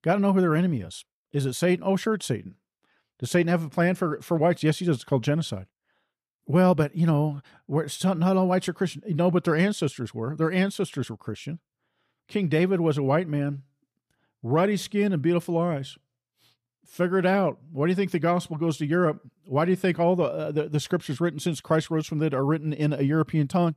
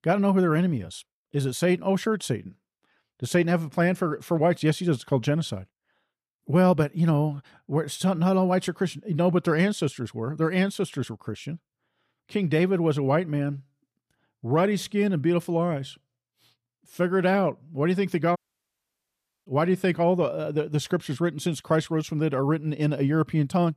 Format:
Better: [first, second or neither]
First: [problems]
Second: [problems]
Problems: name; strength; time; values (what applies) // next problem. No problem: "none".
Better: first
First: none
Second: audio cutting out; at 18 s for 1 s